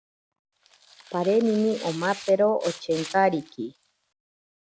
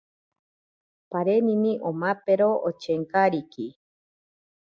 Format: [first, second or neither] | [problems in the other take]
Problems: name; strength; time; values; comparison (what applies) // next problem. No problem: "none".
second | background sound (Tearing); 17 dB below the speech